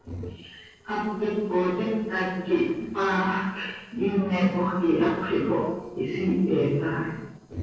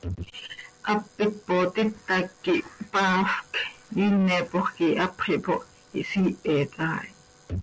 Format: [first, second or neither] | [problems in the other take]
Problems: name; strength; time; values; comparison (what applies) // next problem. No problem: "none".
second | noise reduction (neural separator model SepFormer DNS4)